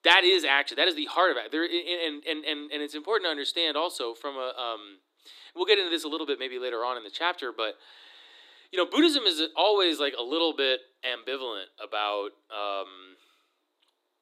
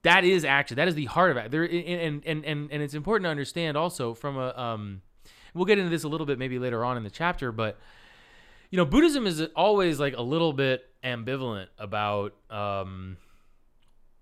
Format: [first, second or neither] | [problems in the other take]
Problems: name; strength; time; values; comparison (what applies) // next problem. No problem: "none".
second | thin; somewhat; fading below 300 Hz